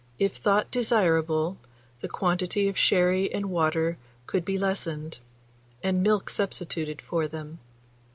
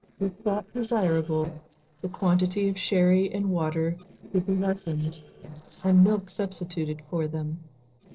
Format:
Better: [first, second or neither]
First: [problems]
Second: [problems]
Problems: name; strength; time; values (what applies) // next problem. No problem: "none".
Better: first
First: none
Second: noise reduction (neural separator model SepFormer DNS4)